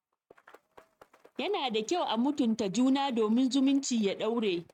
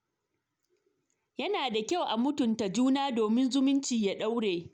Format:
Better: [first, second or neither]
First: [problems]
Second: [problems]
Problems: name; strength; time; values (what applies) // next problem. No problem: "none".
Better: second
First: noise reduction (neural mask model RNNoise)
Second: none